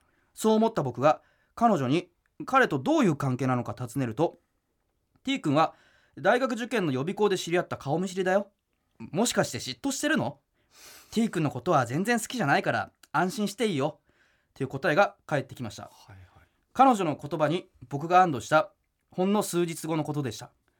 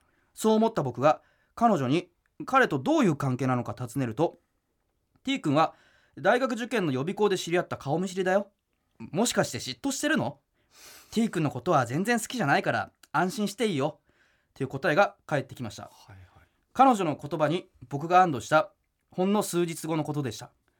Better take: neither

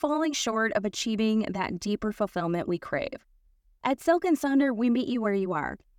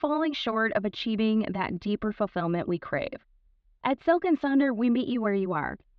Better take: first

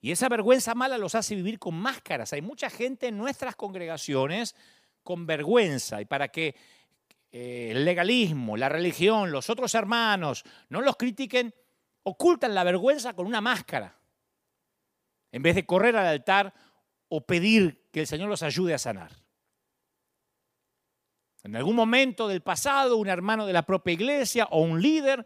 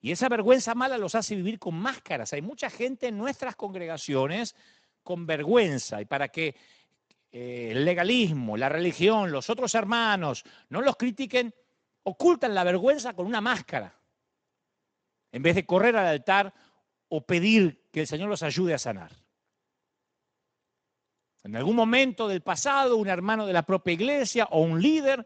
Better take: first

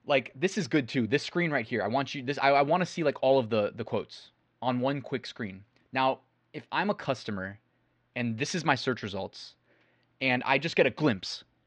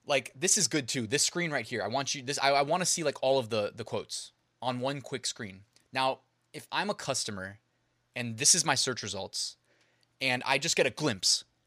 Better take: second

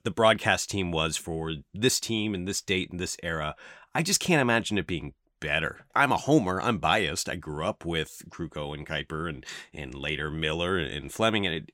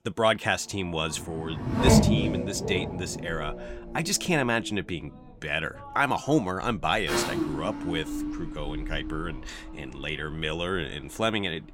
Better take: first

